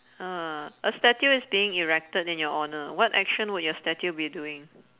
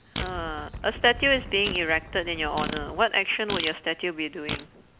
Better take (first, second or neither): first